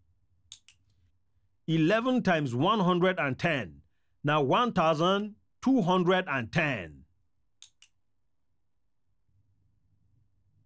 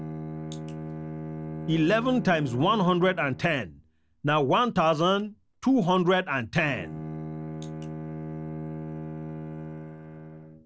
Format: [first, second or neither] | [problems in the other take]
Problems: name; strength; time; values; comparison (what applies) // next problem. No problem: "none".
first | background sound (Bowed string instrument); 10 dB below the speech